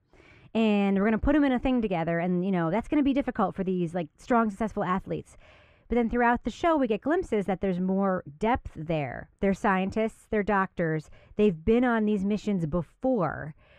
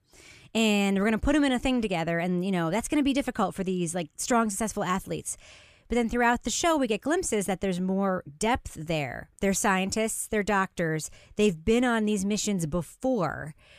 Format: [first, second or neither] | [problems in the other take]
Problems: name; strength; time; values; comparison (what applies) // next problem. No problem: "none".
second | muffled; very; fading above 4 kHz